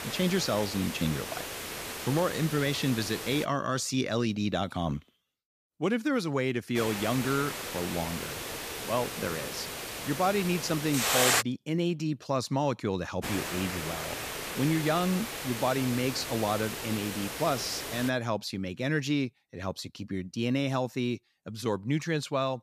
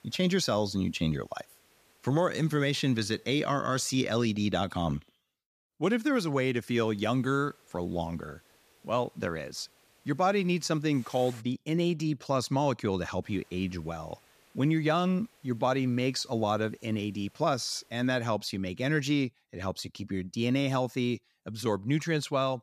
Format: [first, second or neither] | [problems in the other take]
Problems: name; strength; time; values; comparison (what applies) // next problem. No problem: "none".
second | hiss; loud; until 3.5 s, from 7 to 11 s and from 13 to 18 s; 3 dB below the speech; faint in the second